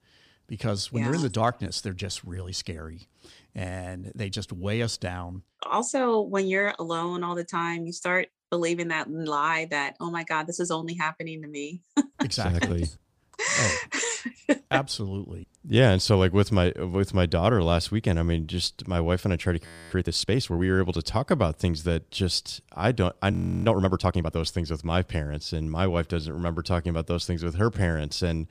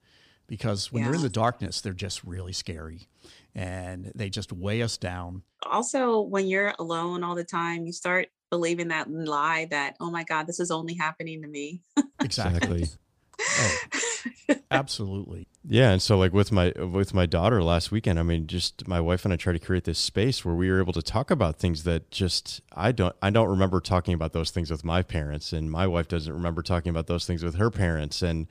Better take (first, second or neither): second